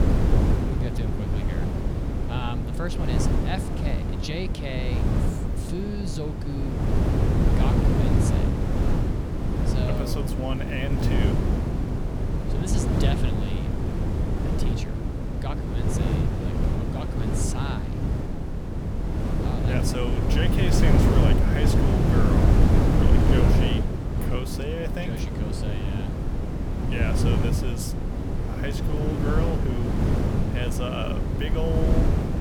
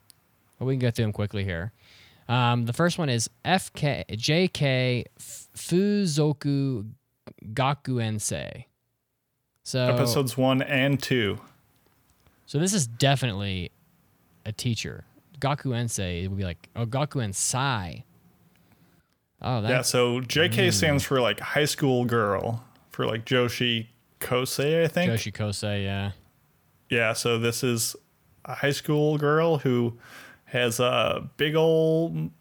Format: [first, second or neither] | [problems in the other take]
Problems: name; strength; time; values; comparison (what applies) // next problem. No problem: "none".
second | wind noise on the microphone; heavy; 2 dB above the speech